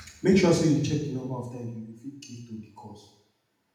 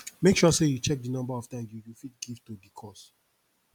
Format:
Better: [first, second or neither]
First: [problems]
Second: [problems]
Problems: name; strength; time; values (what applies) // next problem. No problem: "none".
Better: second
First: room echo; dies away in 0.8 s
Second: none